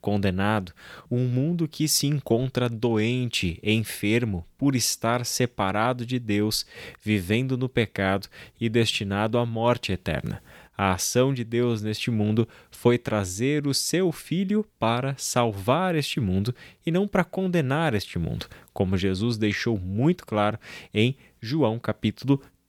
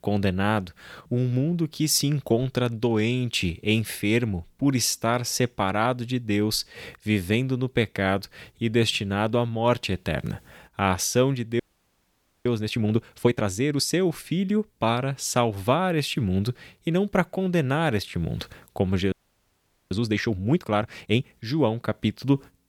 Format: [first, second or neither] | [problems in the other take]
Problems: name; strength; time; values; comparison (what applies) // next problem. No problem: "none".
first | audio freezing; at 12 s for 1 s and at 19 s for 1 s